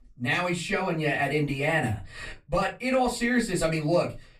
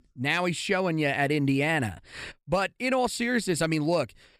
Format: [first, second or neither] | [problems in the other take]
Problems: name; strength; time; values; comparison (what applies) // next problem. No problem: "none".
second | off-mic speech; far // room echo; very slight; dies away in 0.2 s